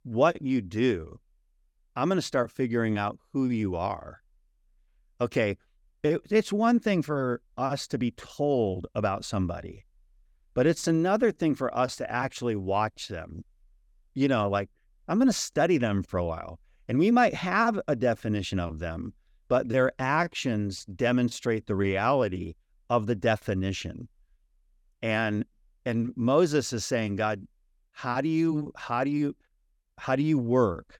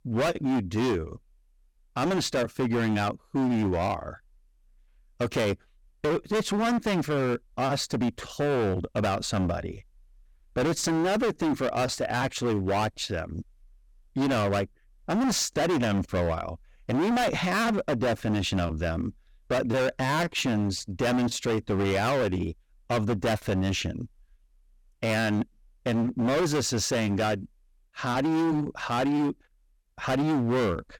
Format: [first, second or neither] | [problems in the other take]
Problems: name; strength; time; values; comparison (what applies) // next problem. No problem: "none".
first | distortion; heavy; 21% of the sound clipped